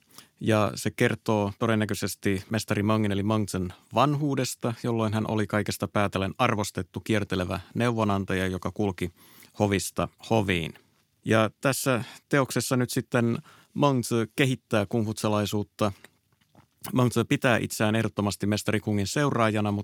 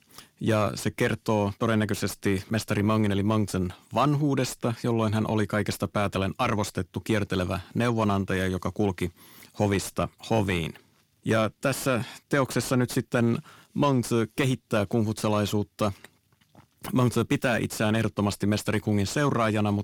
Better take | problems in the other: first | distortion; slight; 10 dB below the speech

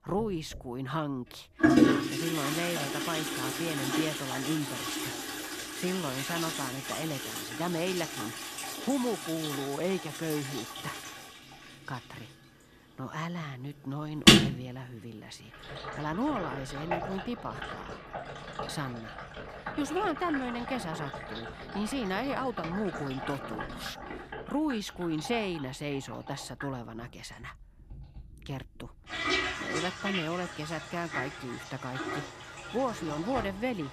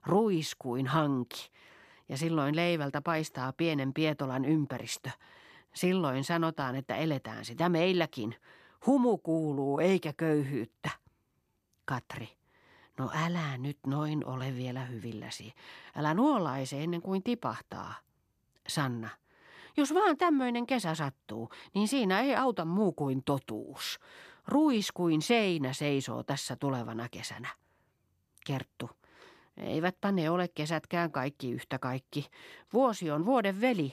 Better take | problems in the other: second | household noises; very loud; throughout; 3 dB above the speech

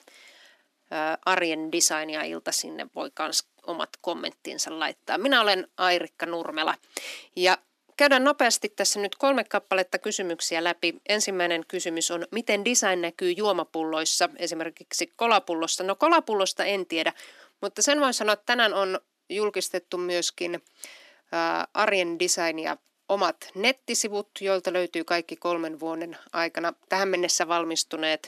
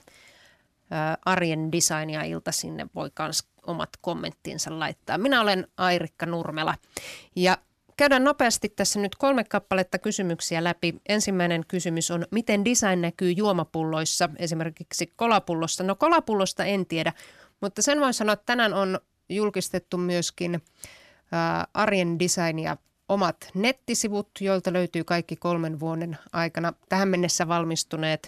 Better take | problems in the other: second | thin; somewhat; fading below 250 Hz

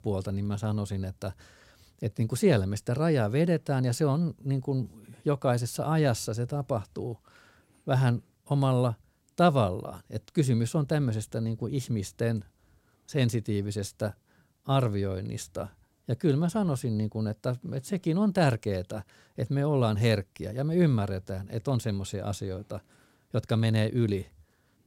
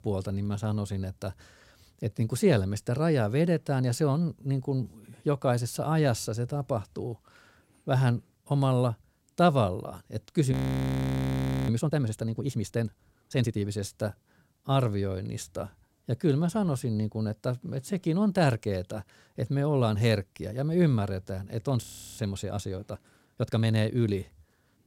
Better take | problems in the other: first | audio freezing; at 11 s for 1 s and at 22 s

